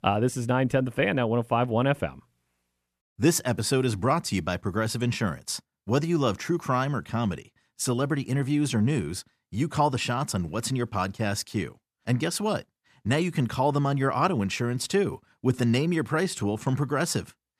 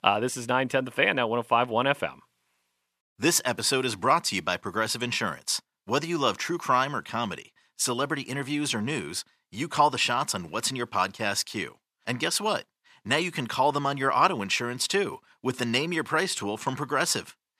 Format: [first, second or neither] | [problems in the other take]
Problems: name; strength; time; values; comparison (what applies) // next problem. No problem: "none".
first | thin; somewhat; fading below 550 Hz